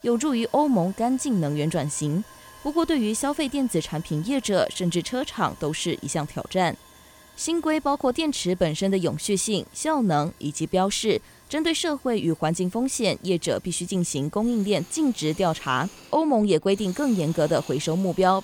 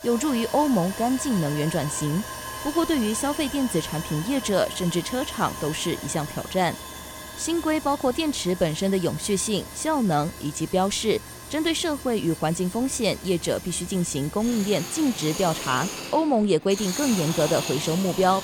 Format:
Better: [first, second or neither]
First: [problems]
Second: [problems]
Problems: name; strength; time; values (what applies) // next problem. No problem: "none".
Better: first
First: machinery noise; faint; throughout; 20 dB below the speech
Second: machinery noise; loud; throughout; 9 dB below the speech